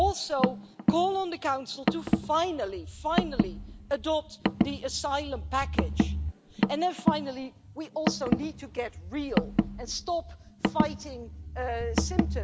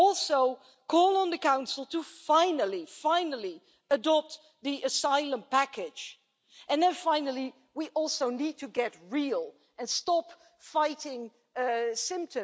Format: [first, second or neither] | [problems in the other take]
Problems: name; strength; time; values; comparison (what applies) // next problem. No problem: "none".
second | background sound (Car); 1 dB above the speech